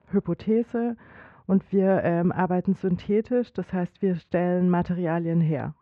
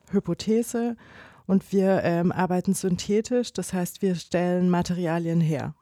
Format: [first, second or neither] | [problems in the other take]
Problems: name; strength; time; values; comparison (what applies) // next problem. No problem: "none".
second | muffled; very; fading above 2 kHz